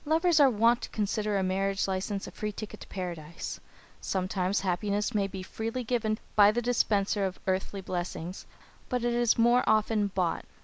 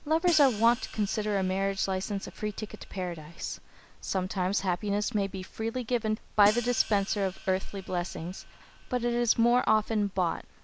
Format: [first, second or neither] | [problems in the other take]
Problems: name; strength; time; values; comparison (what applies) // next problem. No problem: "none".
first | background sound (Hi-hat); 16 dB below the speech